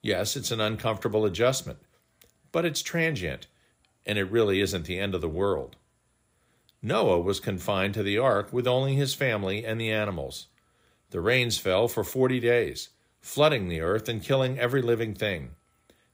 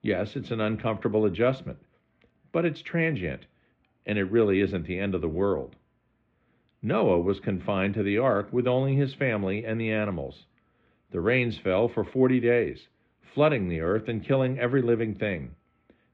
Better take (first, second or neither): first